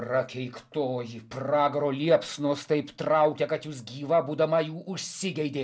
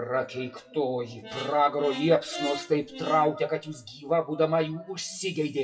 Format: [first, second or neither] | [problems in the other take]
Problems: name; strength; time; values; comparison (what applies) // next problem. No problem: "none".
first | noise reduction (classical method WPE with log-MMSE)